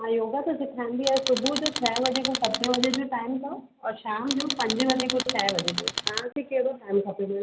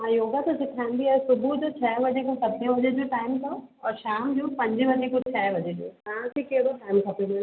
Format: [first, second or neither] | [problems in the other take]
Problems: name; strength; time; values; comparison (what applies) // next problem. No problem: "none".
second | background sound (Tools); 3 dB below the speech